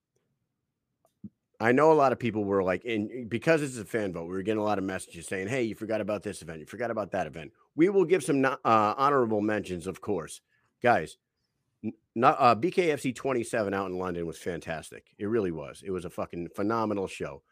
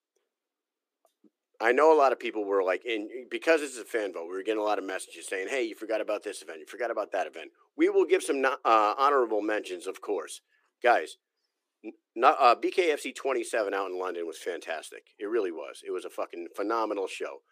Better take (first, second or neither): first